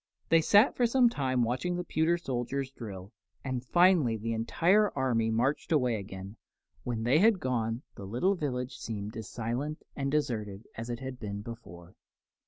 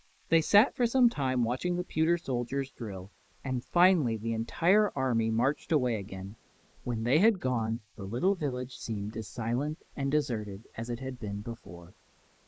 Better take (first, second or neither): first